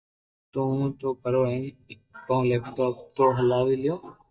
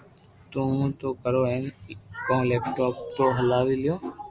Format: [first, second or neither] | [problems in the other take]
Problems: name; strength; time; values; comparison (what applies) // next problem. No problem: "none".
second | noise reduction (neural mask model DeepFilterNet 3)